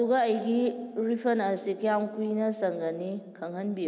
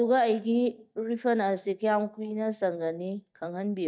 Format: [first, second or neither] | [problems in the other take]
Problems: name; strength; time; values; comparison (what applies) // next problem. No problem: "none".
first | noise reduction (neural mask model DeepFilterNet 3)